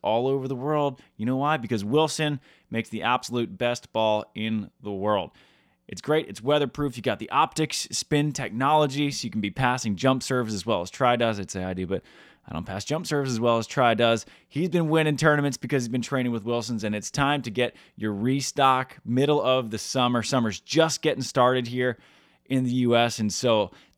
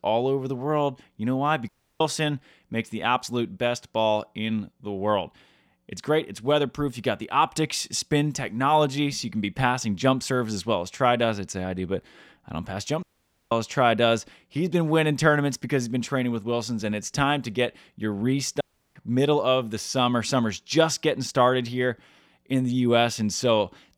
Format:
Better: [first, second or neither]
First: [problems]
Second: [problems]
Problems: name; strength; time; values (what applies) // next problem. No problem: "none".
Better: first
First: none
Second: audio cutting out; at 1.5 s, at 13 s and at 19 s